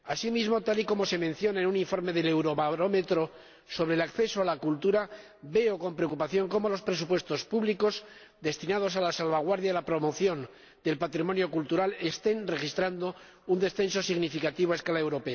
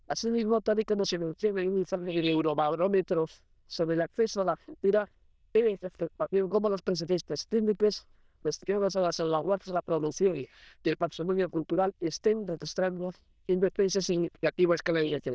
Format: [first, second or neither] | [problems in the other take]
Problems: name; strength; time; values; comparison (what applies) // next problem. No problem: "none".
first | noise reduction (neural diffusion model UNIVERSE++)